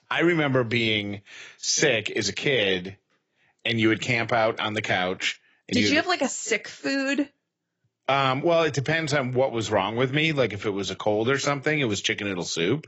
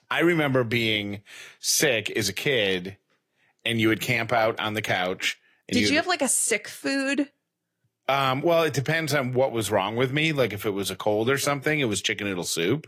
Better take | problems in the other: second | garbled, watery; badly; nothing above 7.5 kHz; slightly in the second

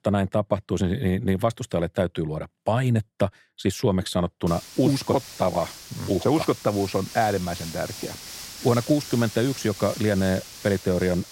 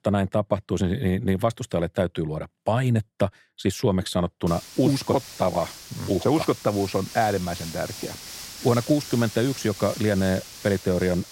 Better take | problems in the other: neither | hiss; noticeable; from 4.5 s on; 15 dB below the speech; the same in both

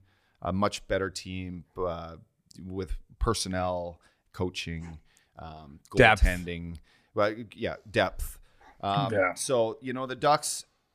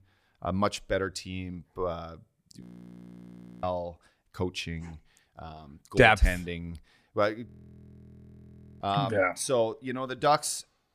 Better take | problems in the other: first | audio freezing; at 2.5 s for 1 s and at 7.5 s for 1.5 s

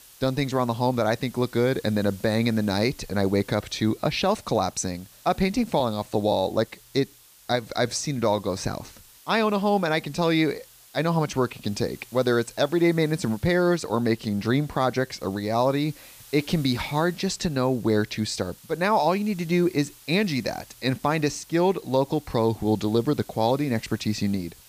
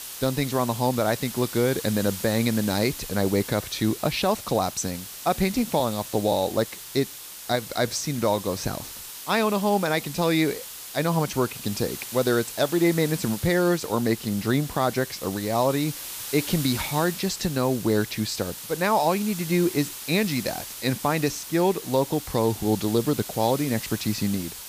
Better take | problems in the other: first | hiss; loud; throughout; 10 dB below the speech; faint in the first

